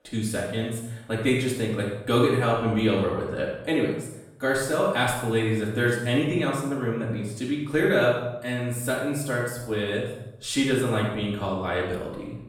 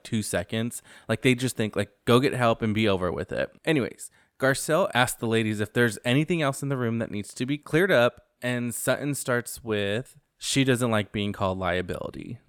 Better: second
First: off-mic speech; far // room echo; noticeable; dies away in 0.8 s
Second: none

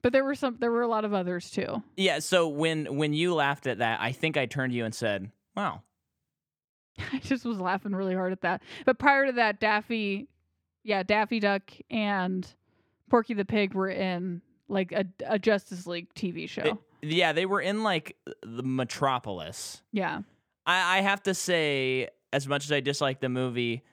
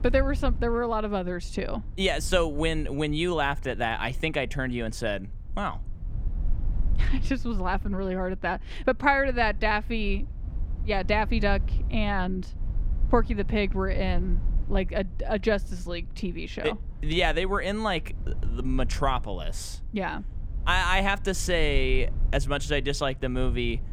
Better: first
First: none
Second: low rumble; faint; throughout; 25 dB below the speech

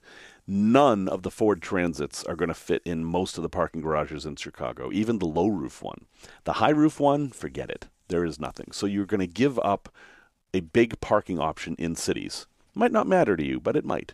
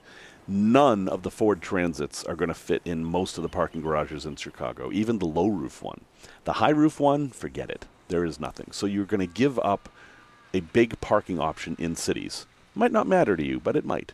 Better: first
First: none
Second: rain or running water; faint; throughout; 30 dB below the speech

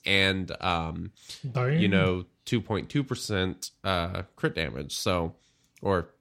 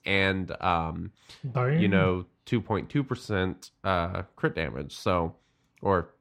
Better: first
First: none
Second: muffled; slightly; fading above 3.5 kHz

